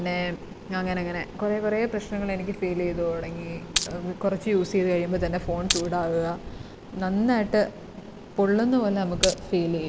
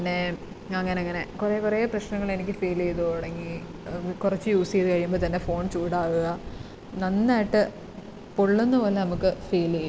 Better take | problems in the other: second | background sound (Glass); 3 dB below the speech

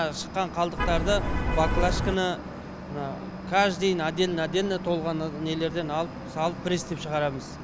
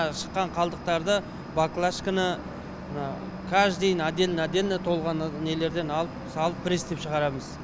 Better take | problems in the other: second | background sound (Vehicle horn, car horn, honking); 2 dB above the speech

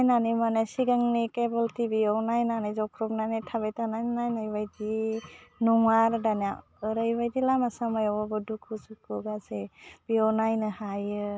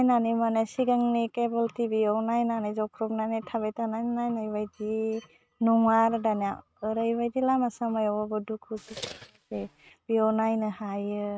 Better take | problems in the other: first | noise reduction (neural mask model RNNoise)

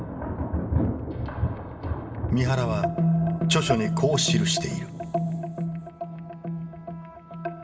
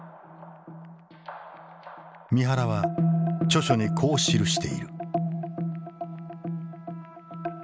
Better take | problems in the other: second | background sound (Thunder); 6 dB below the speech // room echo; dies away in 1.9 s

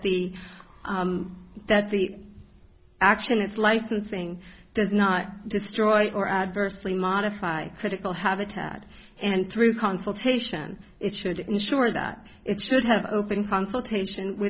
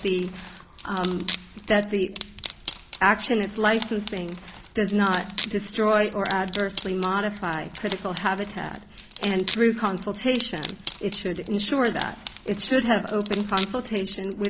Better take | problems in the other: first | background sound (Wood); 14 dB below the speech

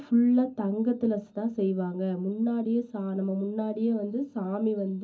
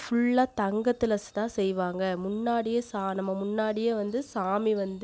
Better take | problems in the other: second | room echo; dies away in 0.4 s

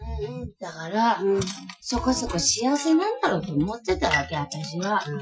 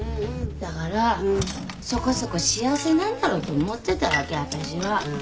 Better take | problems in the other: second | noise reduction (classical method Wiener filter)

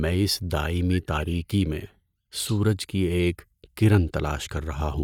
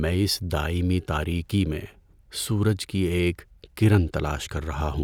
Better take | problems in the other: second | noise reduction (neural mask model DeepFilterNet 3)

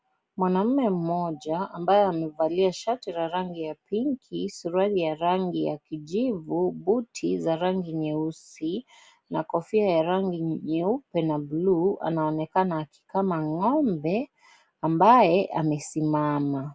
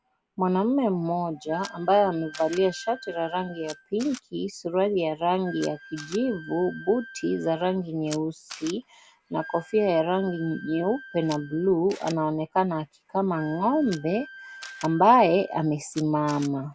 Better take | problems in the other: first | background sound (Camera + Wind instrument, woodwind instrument); 19 dB below the speech

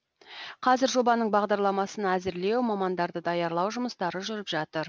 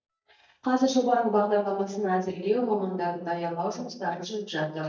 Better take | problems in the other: first | noise reduction (neural mask model DeepFilterNet 3)

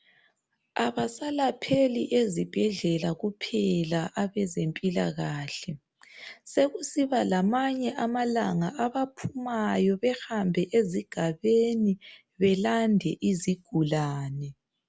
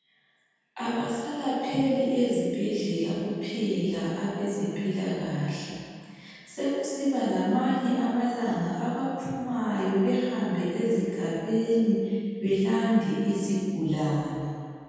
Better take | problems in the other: first | room echo; dies away in 2 s

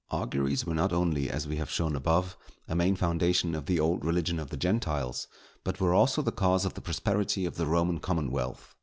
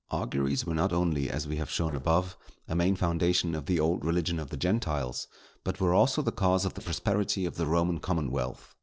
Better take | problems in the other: first | noise reduction (neural separator model SepFormer DNS4)

